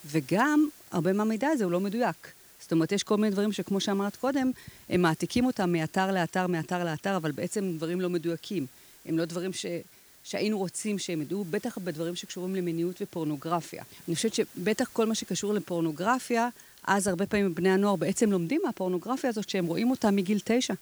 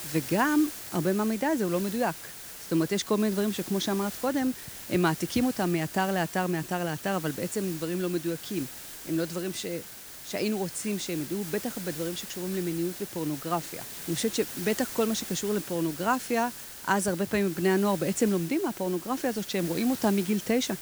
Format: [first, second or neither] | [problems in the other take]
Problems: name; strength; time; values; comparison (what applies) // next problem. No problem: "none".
first | hiss; loud; throughout; 10 dB below the speech; faint in the first